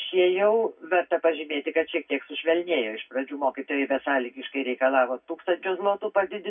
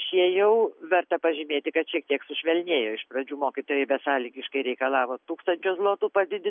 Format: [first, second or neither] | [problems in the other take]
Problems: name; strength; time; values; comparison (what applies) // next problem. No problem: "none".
second | room echo; dies away in 0.4 s